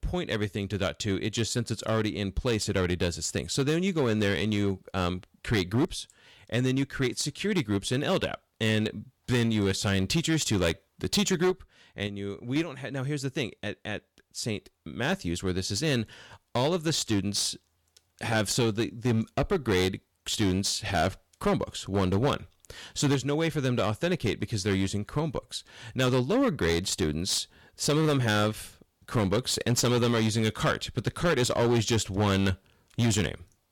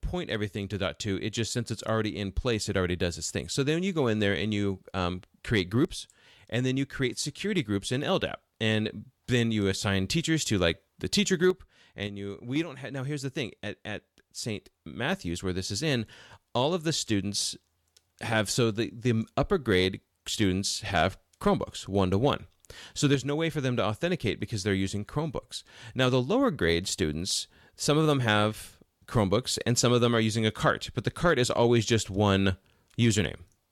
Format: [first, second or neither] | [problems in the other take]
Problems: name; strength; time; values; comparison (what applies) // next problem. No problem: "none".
second | distortion; slight; 7% of the sound clipped